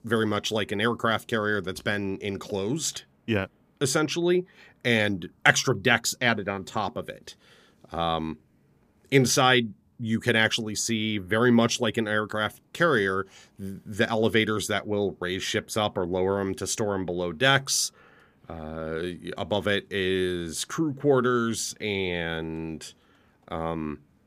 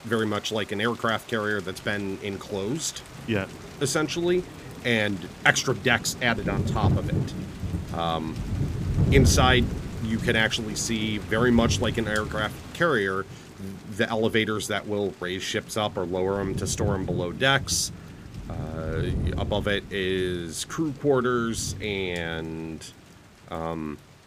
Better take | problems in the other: first | rain or running water; loud; throughout; 5 dB below the speech

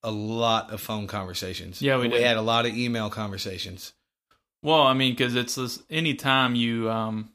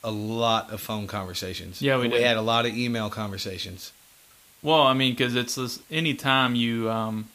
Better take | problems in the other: first | hiss; faint; throughout; 30 dB below the speech

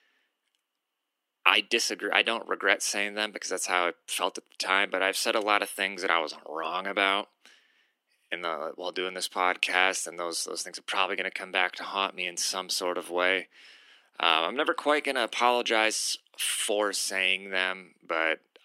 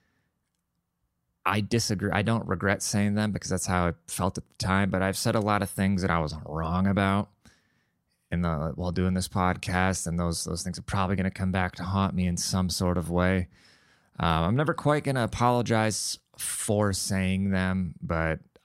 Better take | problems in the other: second | thin; very; fading below 300 Hz

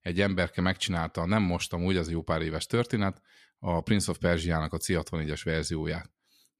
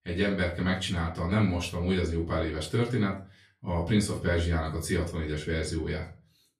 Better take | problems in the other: first | off-mic speech; far // room echo; slight; dies away in 0.3 s

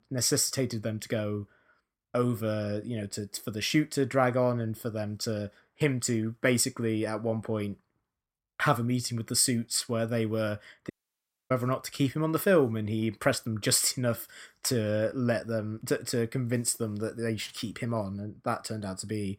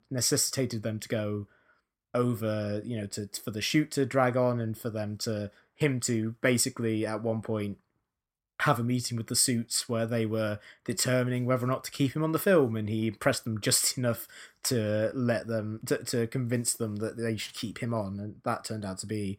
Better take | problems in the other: second | audio cutting out; at 11 s for 0.5 s

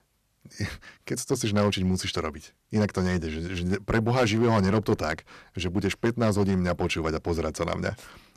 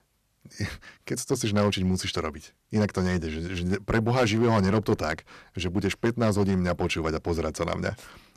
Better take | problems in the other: neither | distortion; slight; 3% of the sound clipped; the same in both

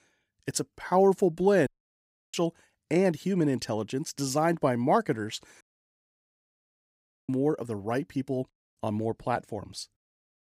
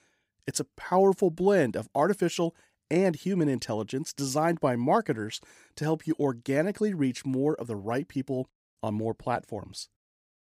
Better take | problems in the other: second | audio cutting out; at 1.5 s for 0.5 s and at 5.5 s for 1.5 s

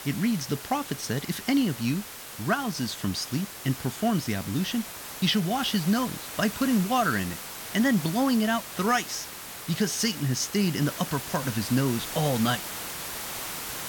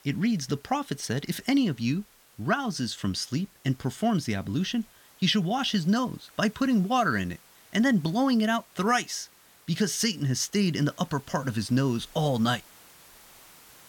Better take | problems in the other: second | hiss; loud; throughout; 9 dB below the speech; faint in the second

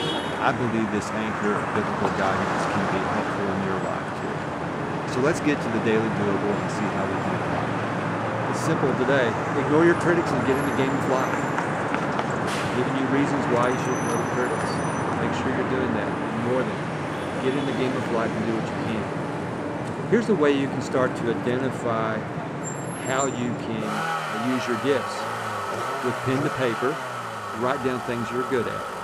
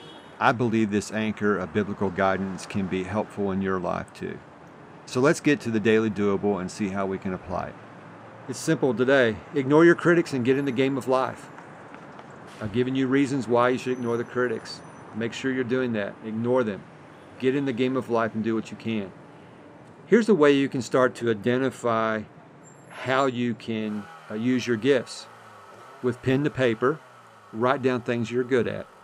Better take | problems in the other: second | traffic noise; loud; throughout; as loud as the speech; faint in the second

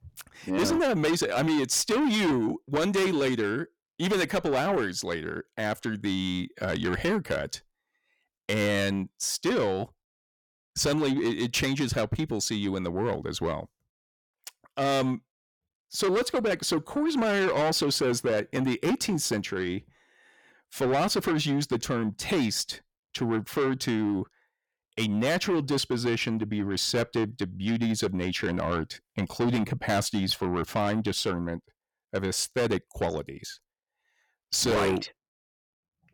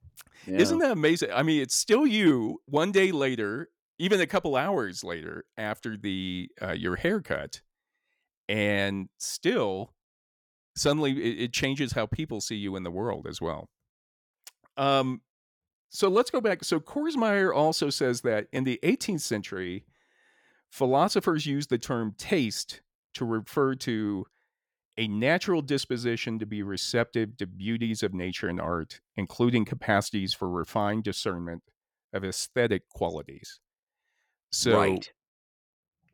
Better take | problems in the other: second | distortion; heavy; 7 dB below the speech

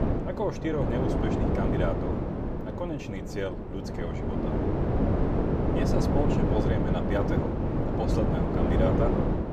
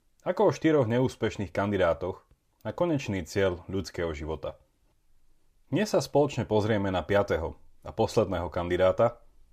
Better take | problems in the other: second | wind noise on the microphone; heavy; 2 dB above the speech

